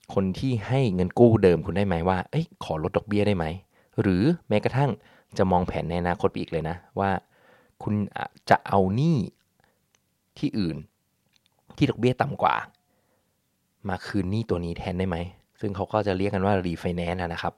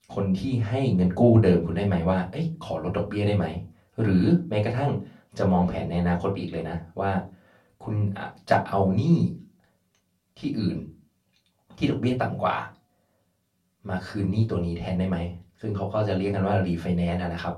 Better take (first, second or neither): first